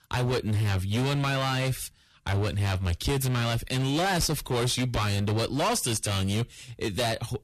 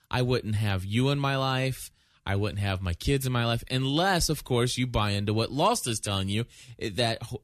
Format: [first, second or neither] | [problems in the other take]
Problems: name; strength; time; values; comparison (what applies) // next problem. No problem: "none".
second | distortion; heavy; 21% of the sound clipped